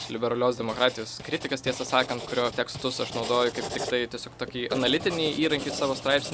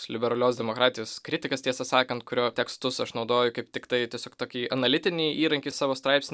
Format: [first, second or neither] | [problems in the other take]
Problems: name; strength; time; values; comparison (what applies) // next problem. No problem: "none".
second | background sound (Writing); 10 dB below the speech